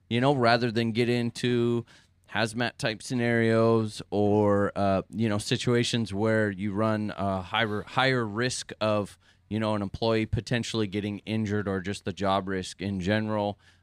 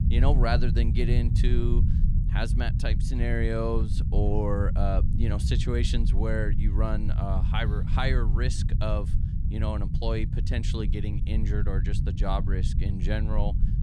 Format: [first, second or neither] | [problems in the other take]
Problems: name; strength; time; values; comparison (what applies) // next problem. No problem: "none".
first | low rumble; loud; throughout; 8 dB below the speech